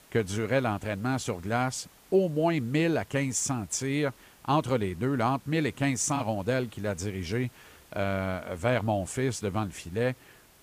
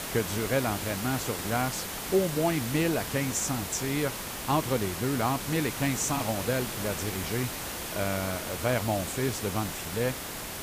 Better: first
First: hiss; faint; throughout; 25 dB below the speech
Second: hiss; loud; throughout; 4 dB below the speech

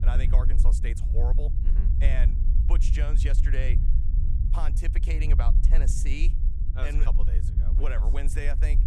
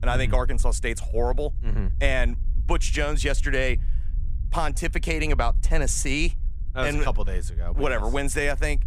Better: second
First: low rumble; loud; throughout; 7 dB below the speech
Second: low rumble; faint; throughout; 25 dB below the speech

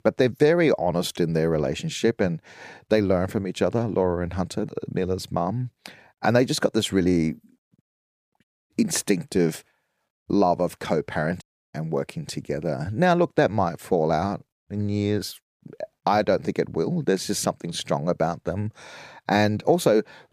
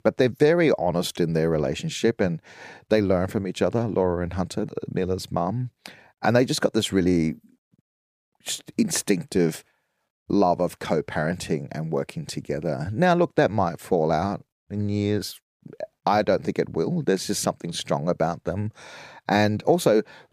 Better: second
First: audio cutting out; at 8.5 s and at 11 s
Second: none

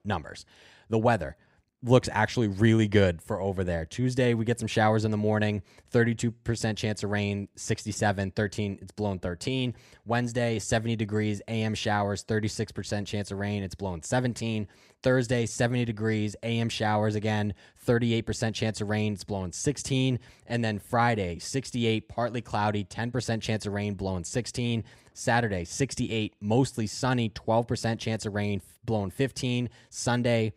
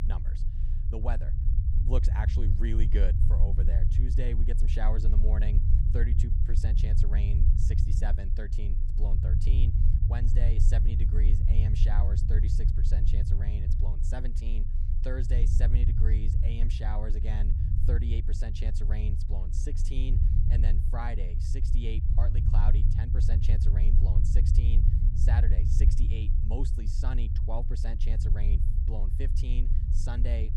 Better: first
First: none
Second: low rumble; loud; throughout; 2 dB below the speech

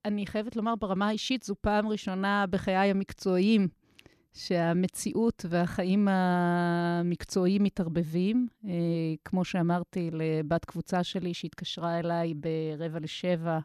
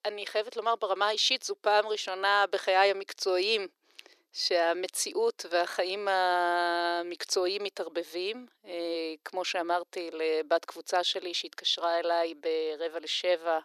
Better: first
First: none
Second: thin; very; fading below 400 Hz

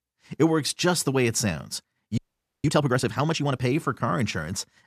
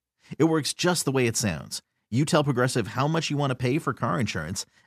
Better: second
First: audio freezing; at 2 s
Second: none

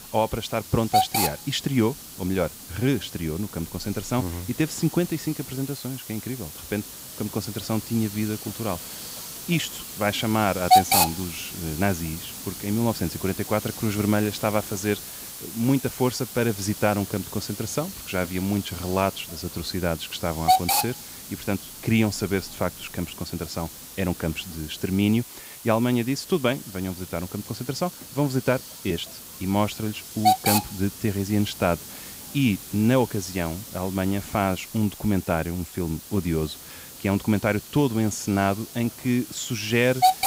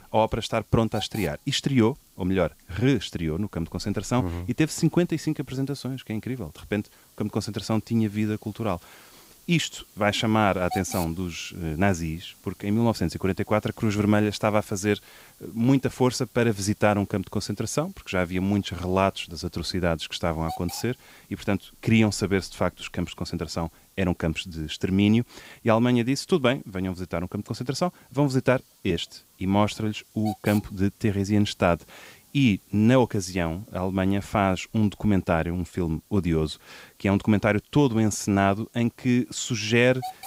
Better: second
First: hiss; loud; throughout; 5 dB below the speech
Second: hiss; faint; throughout; 25 dB below the speech

